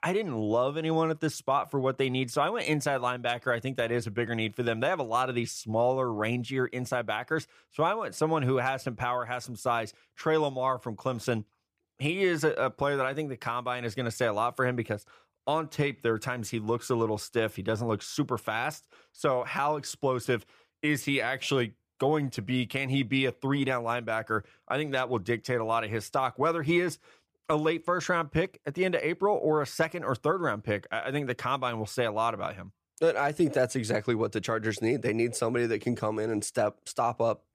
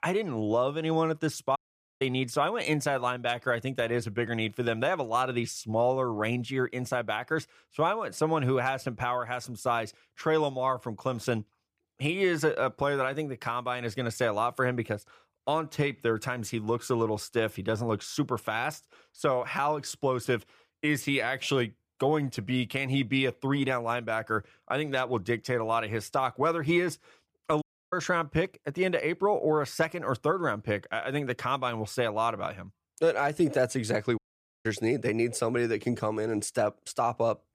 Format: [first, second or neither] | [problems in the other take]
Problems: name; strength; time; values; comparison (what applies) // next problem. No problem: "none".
first | audio cutting out; at 1.5 s, at 28 s and at 34 s